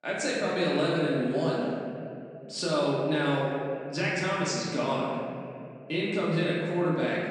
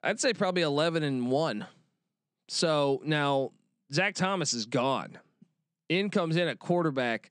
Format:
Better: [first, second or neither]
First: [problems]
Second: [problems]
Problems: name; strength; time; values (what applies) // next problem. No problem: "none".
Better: second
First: off-mic speech; far // room echo; strong; dies away in 2.4 s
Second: none